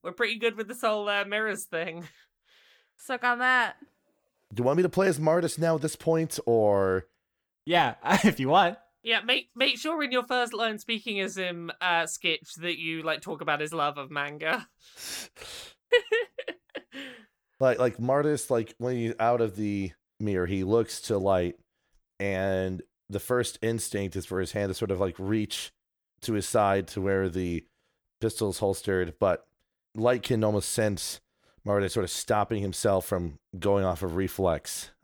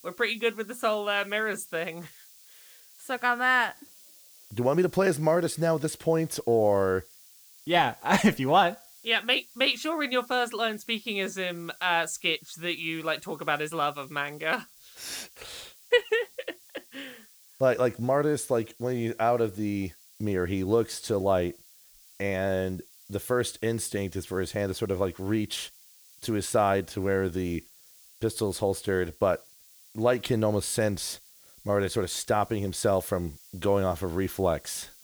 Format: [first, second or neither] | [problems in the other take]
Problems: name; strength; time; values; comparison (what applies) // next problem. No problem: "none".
first | hiss; faint; throughout; 25 dB below the speech